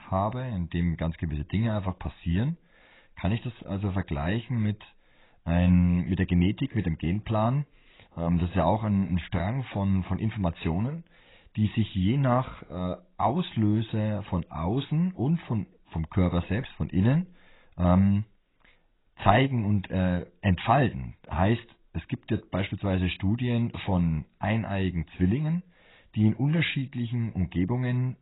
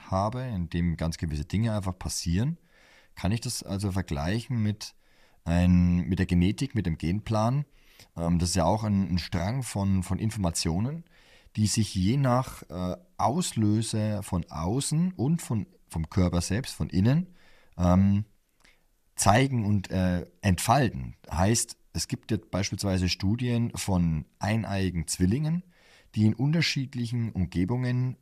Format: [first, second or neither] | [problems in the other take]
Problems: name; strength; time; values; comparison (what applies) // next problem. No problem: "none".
second | garbled, watery; badly; nothing above 4 kHz